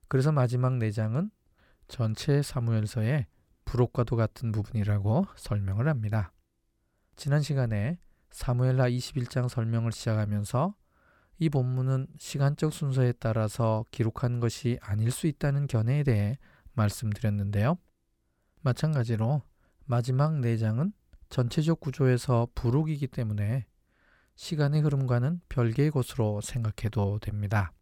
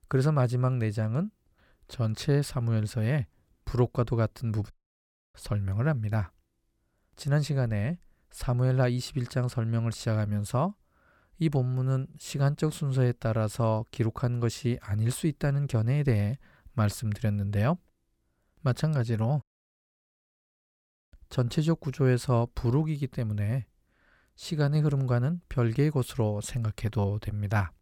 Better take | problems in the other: first | audio cutting out; at 4.5 s for 0.5 s and at 19 s for 1.5 s

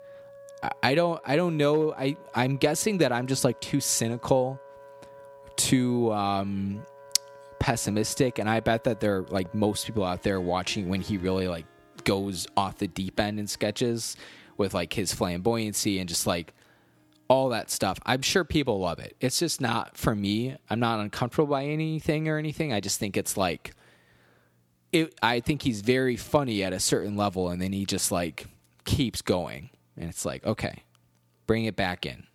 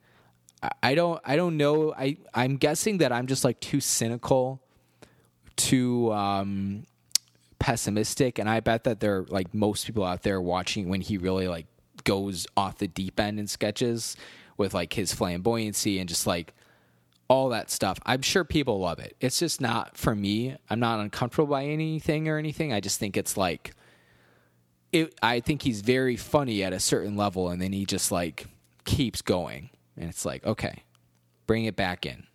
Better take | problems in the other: second | background music; faint; throughout; 25 dB below the speech

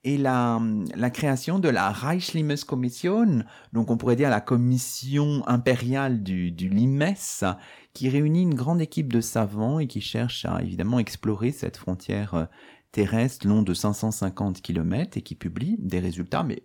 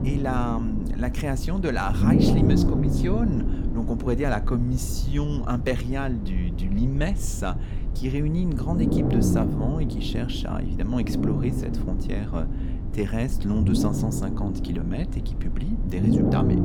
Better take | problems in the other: first | low rumble; loud; throughout; 1 dB below the speech

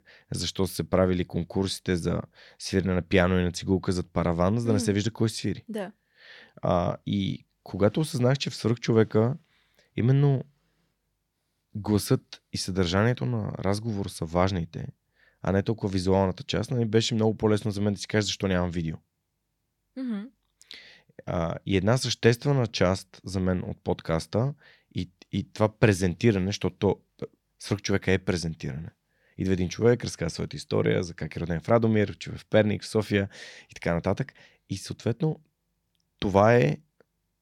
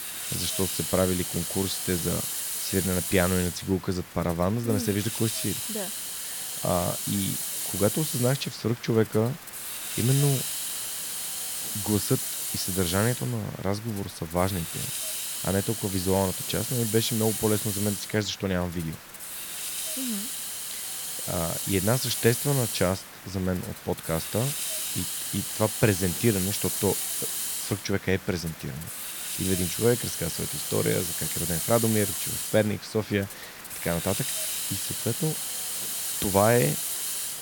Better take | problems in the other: first | hiss; loud; throughout; 1 dB below the speech

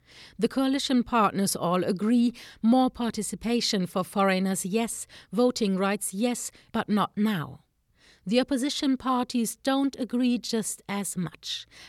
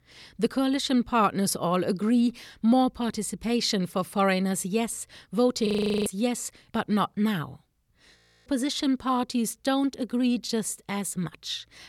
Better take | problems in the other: first | audio freezing; at 5.5 s and at 8 s

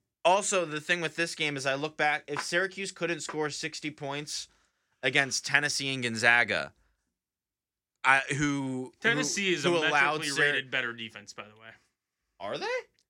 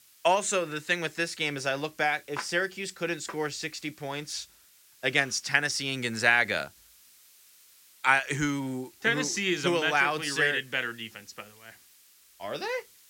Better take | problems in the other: first | hiss; faint; throughout; 25 dB below the speech

